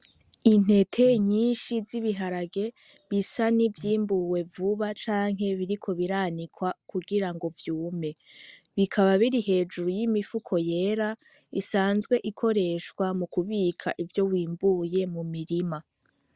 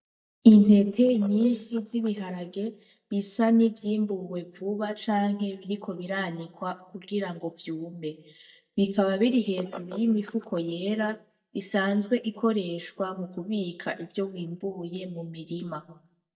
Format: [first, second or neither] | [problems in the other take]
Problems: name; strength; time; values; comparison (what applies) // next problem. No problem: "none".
first | noise reduction (neural mask model DeepFilterNet 3)